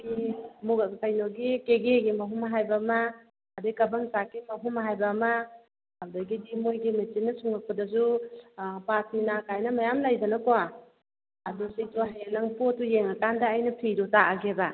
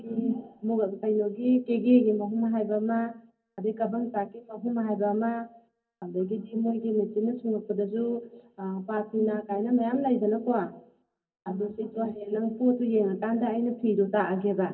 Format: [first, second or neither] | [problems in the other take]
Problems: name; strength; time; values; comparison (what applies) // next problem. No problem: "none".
first | room echo; dies away in 0.3 s